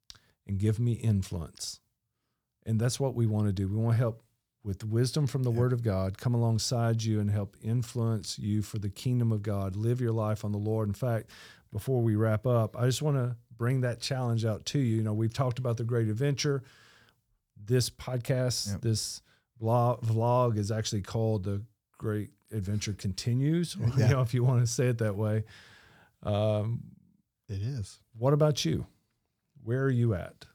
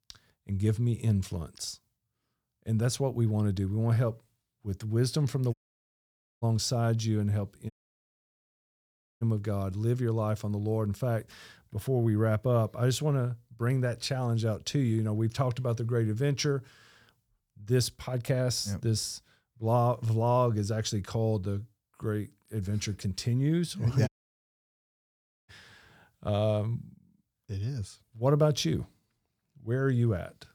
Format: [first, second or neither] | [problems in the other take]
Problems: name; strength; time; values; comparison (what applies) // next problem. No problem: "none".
first | audio cutting out; at 5.5 s for 1 s, at 7.5 s for 1.5 s and at 24 s for 1.5 s